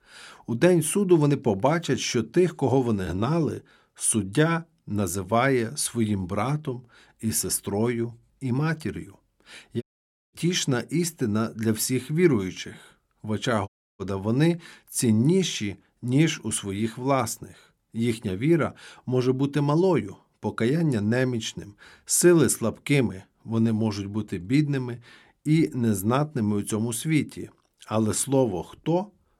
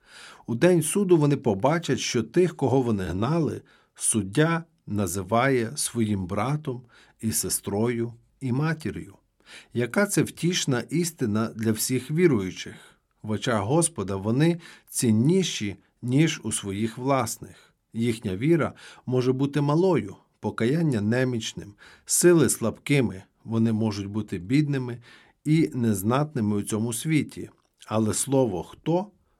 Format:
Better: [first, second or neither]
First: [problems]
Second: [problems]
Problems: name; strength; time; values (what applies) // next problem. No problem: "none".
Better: second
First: audio cutting out; at 10 s for 0.5 s and at 14 s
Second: none